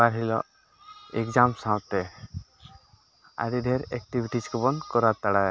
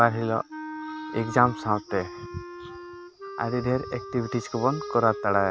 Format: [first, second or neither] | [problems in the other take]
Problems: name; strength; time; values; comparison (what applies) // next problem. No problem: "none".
first | background sound (Wind instrument, woodwind instrument); 11 dB below the speech